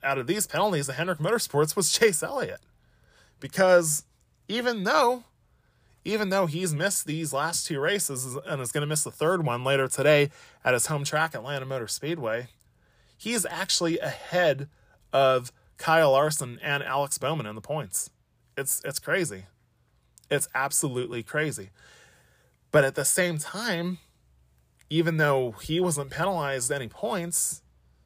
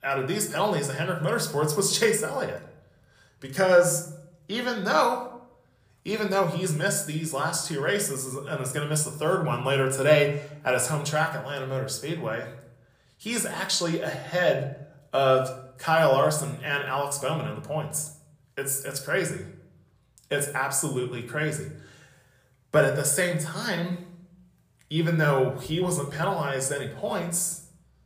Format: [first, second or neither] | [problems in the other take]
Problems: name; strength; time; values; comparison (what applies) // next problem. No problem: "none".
first | room echo; slight; dies away in 0.5 s